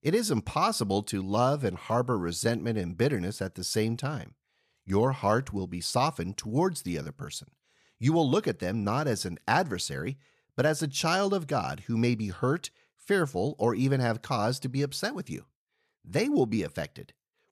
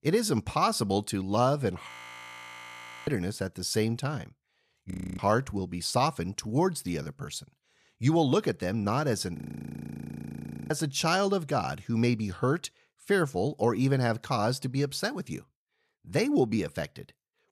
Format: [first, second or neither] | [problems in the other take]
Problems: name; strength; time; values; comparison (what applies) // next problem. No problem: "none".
first | audio freezing; at 2 s for 1 s, at 5 s and at 9.5 s for 1.5 s